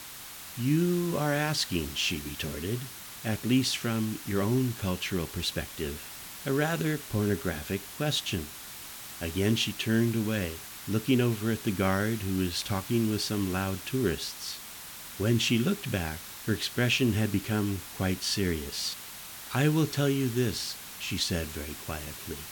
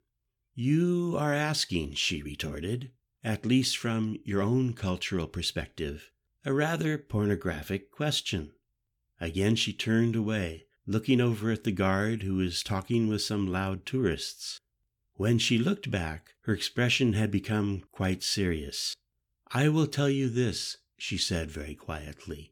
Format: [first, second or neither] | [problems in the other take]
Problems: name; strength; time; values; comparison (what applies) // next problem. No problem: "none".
second | hiss; noticeable; throughout; 10 dB below the speech